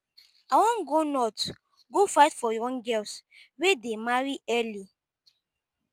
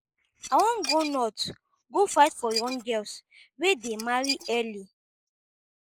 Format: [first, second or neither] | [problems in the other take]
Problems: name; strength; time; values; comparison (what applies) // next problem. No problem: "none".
first | noise reduction (neural mask model Resemble Enhance denoiser)